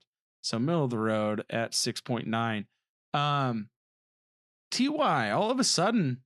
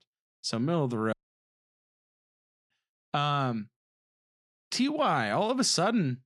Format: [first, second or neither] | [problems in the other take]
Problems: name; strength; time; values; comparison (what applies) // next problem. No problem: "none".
first | audio cutting out; at 1 s for 1.5 s